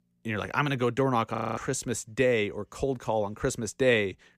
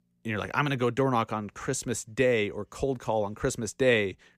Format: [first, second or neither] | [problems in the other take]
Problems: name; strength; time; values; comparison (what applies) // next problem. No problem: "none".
second | audio freezing; at 1.5 s